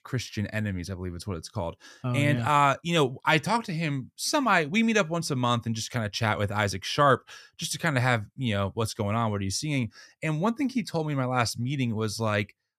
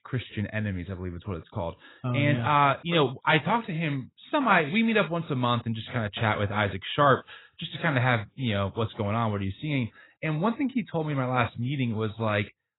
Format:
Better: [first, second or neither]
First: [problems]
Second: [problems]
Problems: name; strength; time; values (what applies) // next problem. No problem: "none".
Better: first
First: none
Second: garbled, watery; badly; nothing above 4 kHz